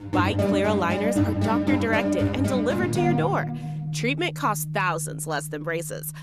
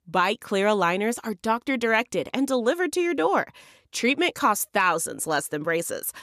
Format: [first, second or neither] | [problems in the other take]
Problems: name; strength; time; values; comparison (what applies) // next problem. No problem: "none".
second | background music; very loud; throughout; 1 dB above the speech